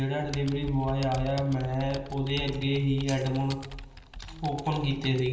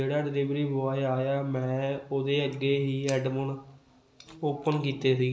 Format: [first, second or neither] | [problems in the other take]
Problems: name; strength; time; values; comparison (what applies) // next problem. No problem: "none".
second | background sound (Computer keyboard); 12 dB below the speech // room echo; dies away in 1.6 s